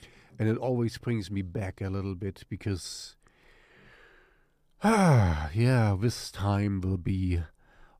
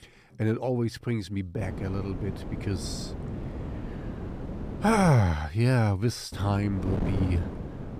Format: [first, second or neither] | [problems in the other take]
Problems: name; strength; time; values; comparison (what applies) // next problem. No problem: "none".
first | wind noise on the microphone; occasional gusts; from 1.5 to 5 s and from 6.5 s on; 10 dB below the speech